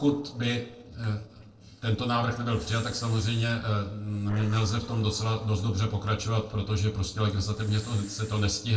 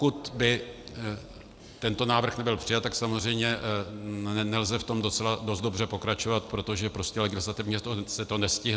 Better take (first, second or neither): second